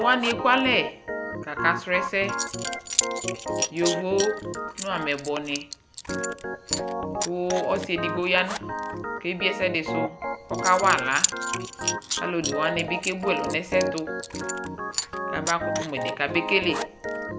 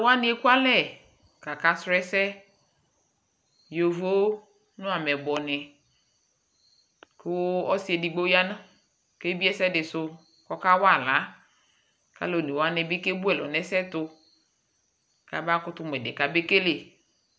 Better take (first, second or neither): second